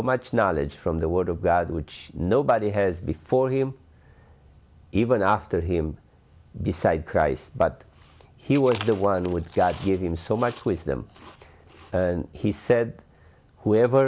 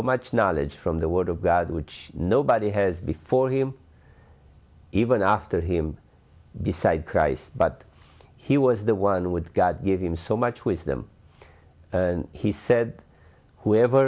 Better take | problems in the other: second | background sound (Chewing, mastication); 19 dB below the speech

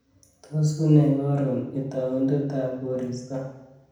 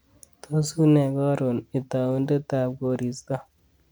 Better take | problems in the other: second | room echo; dies away in 0.9 s

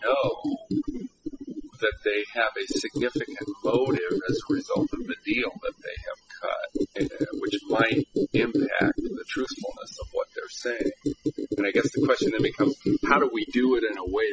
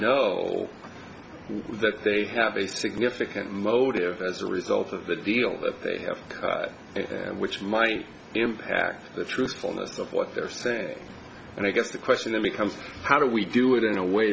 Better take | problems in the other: second | noise reduction (classical method spectral subtraction)

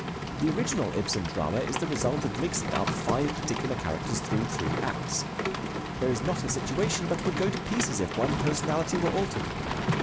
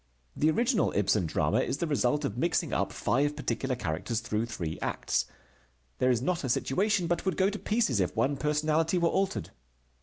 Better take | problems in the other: second | background sound (Rain); 1 dB below the speech

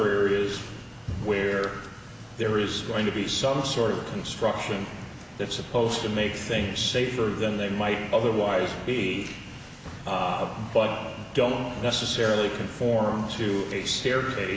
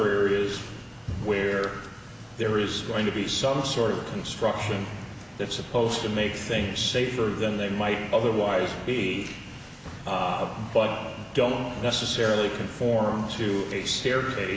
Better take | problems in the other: first | background sound (Piano); 15 dB below the speech

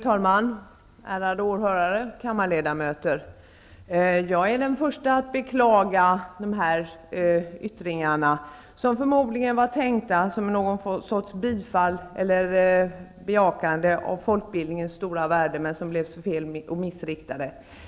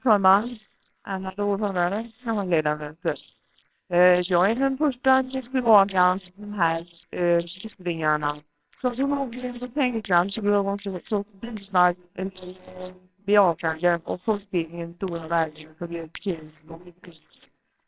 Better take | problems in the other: first | noise reduction (neural separator model SepFormer WHAMR!)

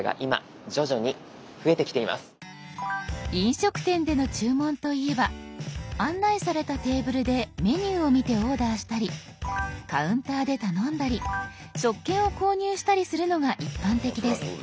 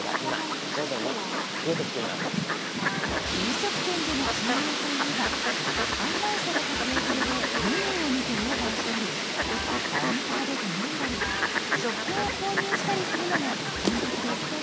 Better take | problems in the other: first | background sound (Fowl); 5 dB above the speech

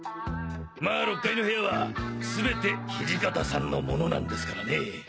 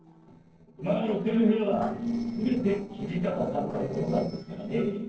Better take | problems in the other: first | noise reduction (neural separator model SepFormer DNS4)

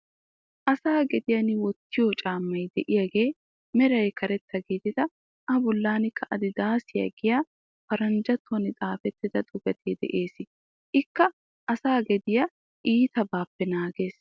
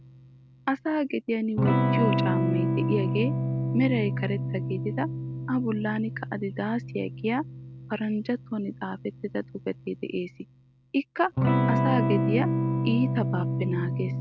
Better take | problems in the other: first | background sound (Electric guitar / Strum); 1 dB above the speech

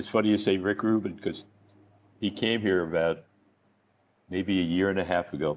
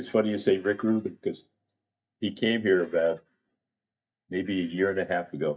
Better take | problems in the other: first | noise reduction (neural mask model DeepFilterNet 3)

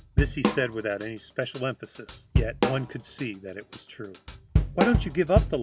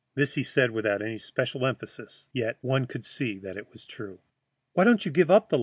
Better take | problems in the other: second | background sound (Drum / Drum kit); 1 dB above the speech

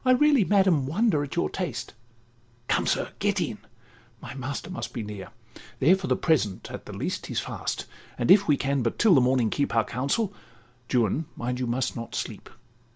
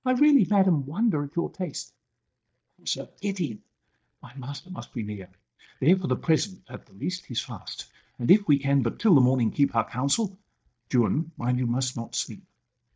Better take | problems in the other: first | noise reduction (neural mask model DeepFilterNet 3)

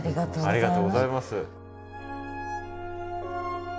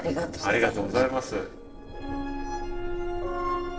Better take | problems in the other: first | noise reduction (neural separator model SepFormer DNS4)

